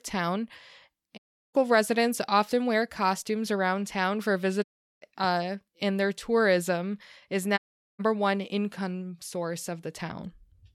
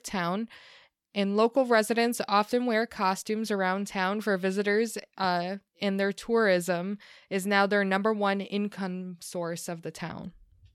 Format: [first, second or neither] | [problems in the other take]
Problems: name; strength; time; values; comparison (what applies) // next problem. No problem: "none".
second | audio cutting out; at 1 s, at 4.5 s and at 7.5 s